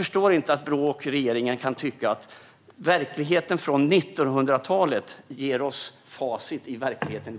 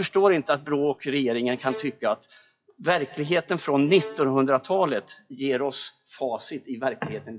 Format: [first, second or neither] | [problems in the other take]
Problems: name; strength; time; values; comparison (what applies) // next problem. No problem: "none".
first | noise reduction (classical method WPE with log-MMSE)